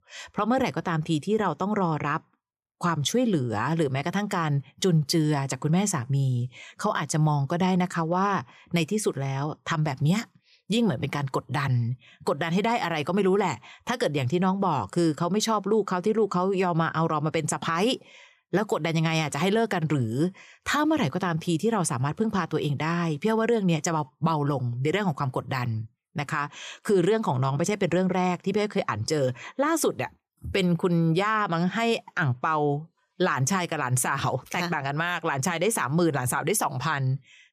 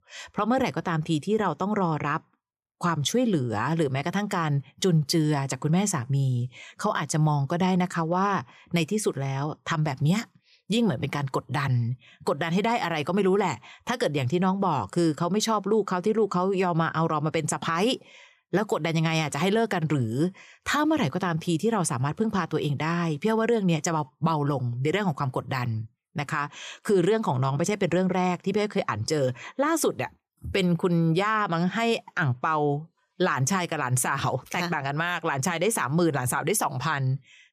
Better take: neither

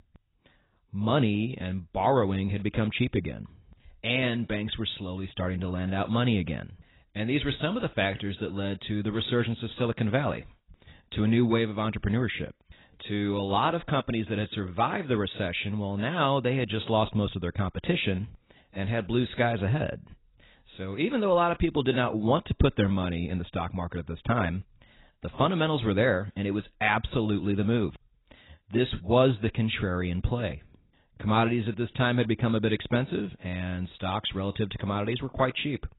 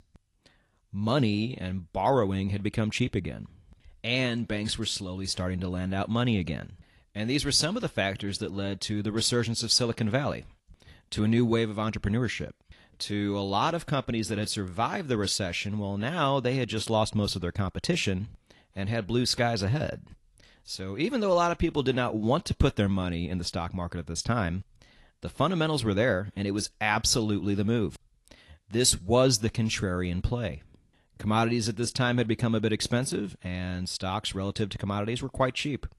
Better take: second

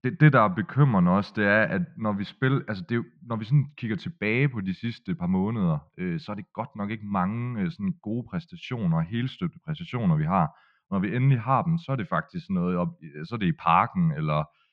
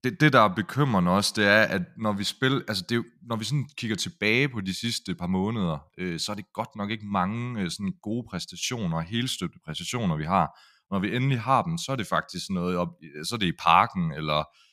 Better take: second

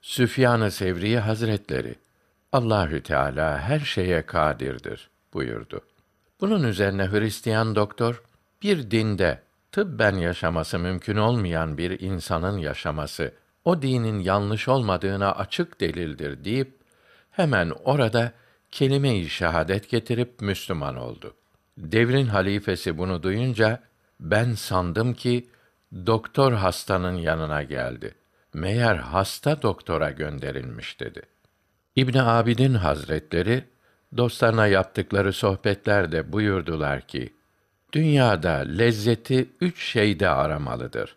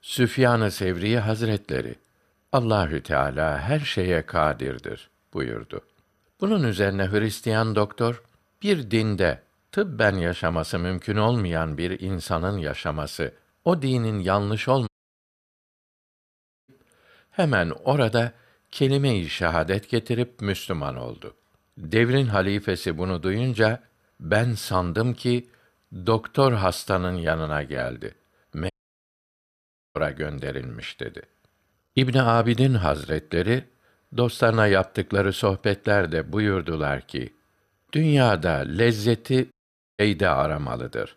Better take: first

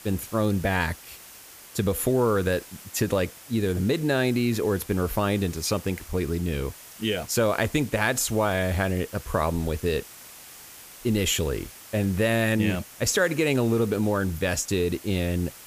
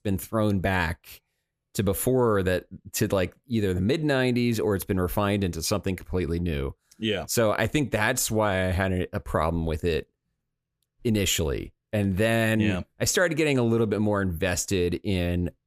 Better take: second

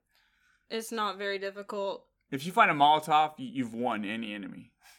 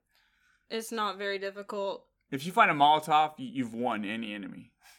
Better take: neither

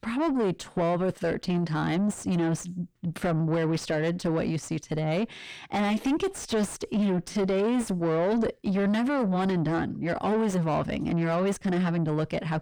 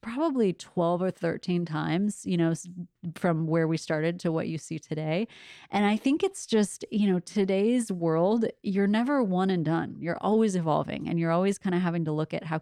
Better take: second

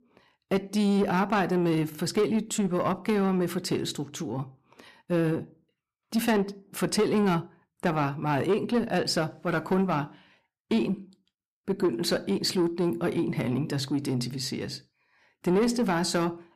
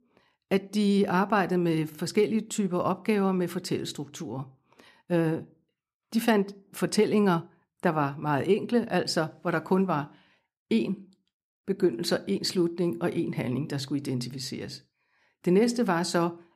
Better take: second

